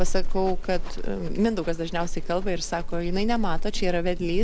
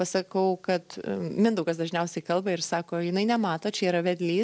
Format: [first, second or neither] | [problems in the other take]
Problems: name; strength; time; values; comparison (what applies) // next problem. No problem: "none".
second | background sound (Livestock, farm animals, working animals); 3 dB above the speech